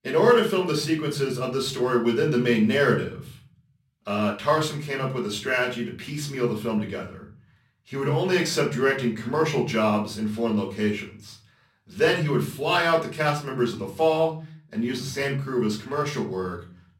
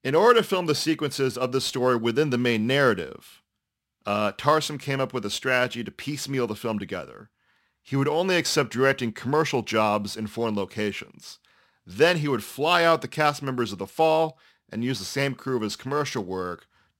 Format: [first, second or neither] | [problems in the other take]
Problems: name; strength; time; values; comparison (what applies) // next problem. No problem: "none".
second | off-mic speech; far // room echo; slight; dies away in 0.6 s